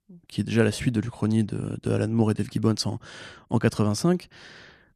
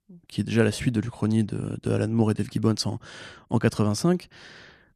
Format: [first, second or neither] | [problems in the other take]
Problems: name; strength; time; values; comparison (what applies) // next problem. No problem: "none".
neither | none